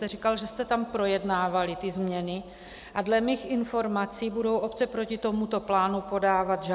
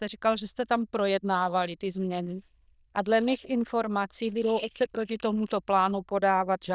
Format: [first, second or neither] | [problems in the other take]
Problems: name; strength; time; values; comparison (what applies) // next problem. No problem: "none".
first | noise reduction (neural diffusion model UNIVERSE++)